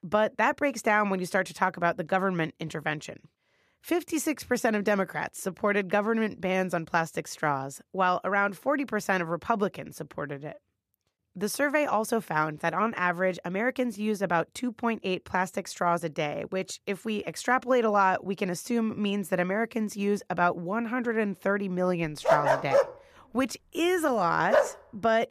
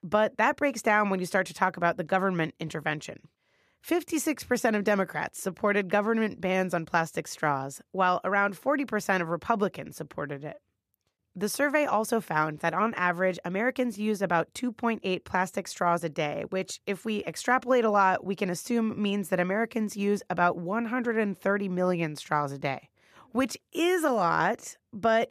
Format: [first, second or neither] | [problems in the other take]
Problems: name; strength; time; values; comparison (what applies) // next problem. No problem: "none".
second | dog barking; loud; from 22 to 25 s; peak 4 dB above the speech